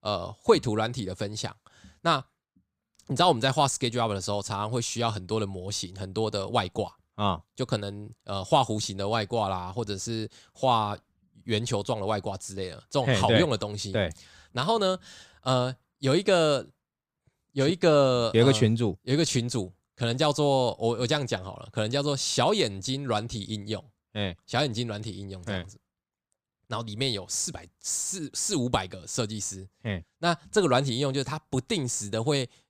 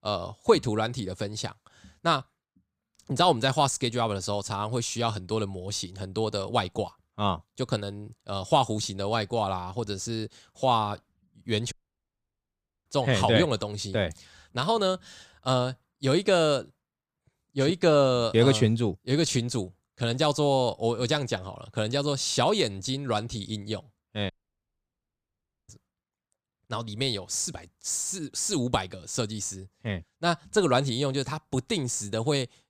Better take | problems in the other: first | audio cutting out; at 12 s for 1 s and at 24 s for 1.5 s

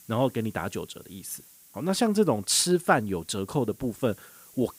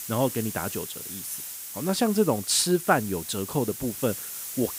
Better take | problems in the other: first | hiss; loud; throughout; 8 dB below the speech; faint in the first

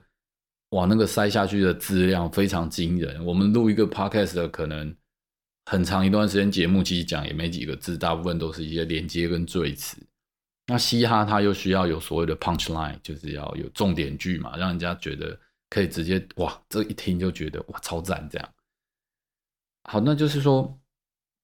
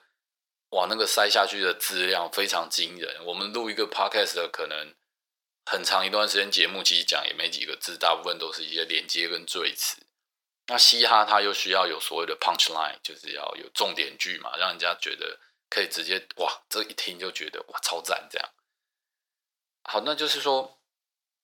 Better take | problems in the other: first | thin; very; fading below 600 Hz

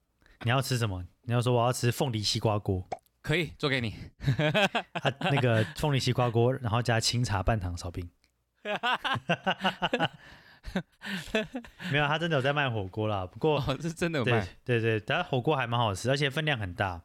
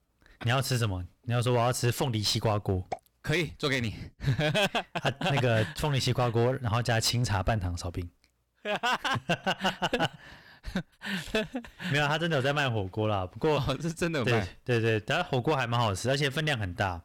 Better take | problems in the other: first | distortion; slight; 8% of the sound clipped

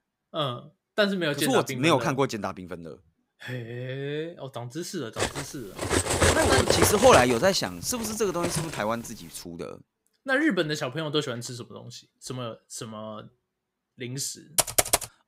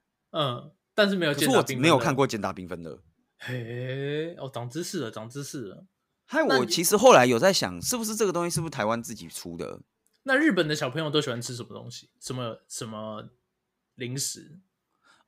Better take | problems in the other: second | clattering dishes; loud; from 5 to 8.5 s; peak 5 dB above the speech // keyboard typing; loud; at 15 s; peak 4 dB above the speech

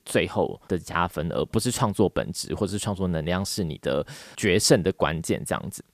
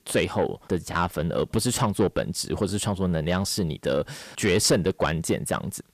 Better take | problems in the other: first | distortion; slight; 10 dB below the speech

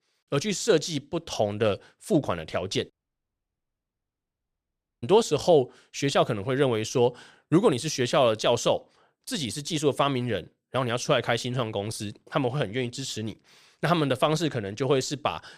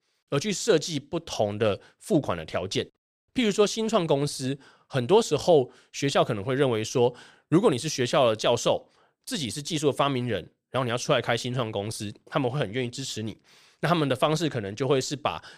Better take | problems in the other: second | audio cutting out; at 3 s for 2 s

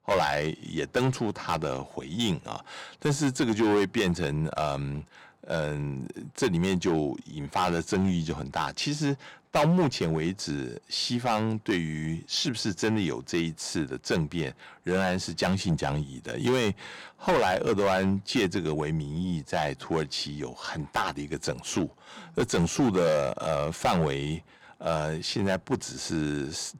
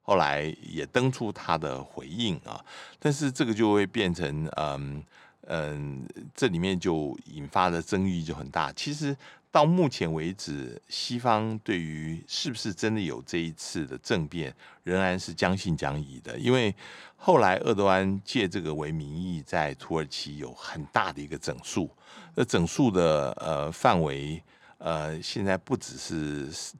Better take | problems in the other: second | distortion; heavy; 5% of the sound clipped

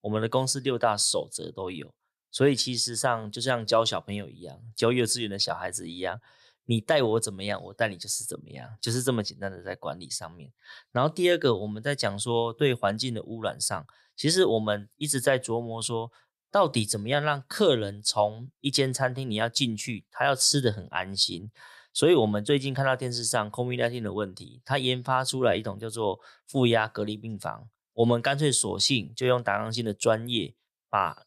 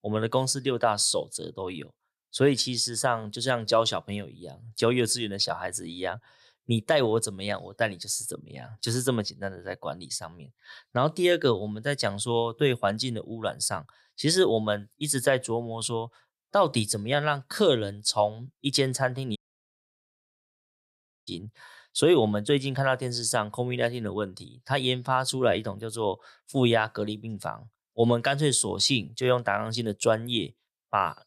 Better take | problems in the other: first | audio cutting out; at 19 s for 2 s

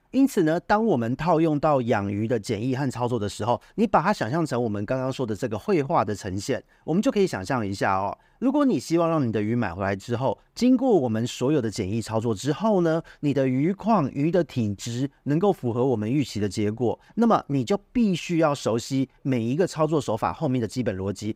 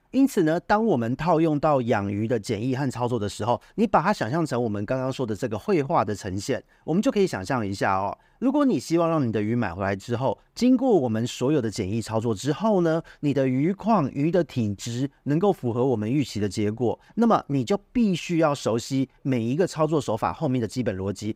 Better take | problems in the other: neither | none

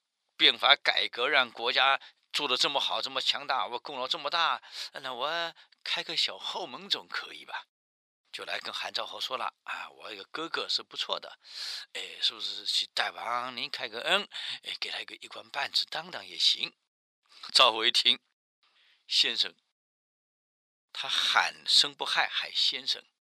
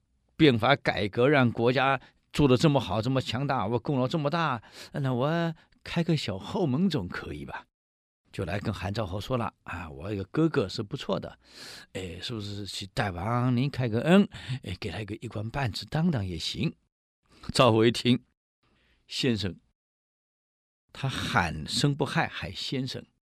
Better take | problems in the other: second | thin; very; fading below 950 Hz

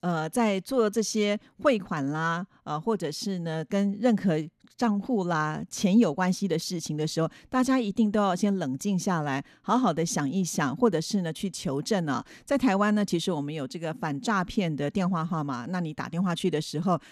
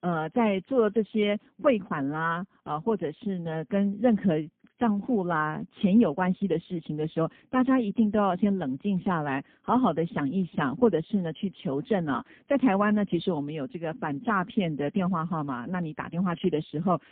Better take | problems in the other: first | phone-call audio; poor line; nothing above 3.5 kHz

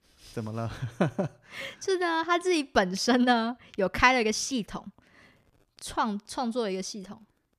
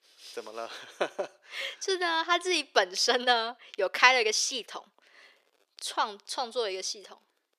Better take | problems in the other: first | thin; very; fading below 400 Hz

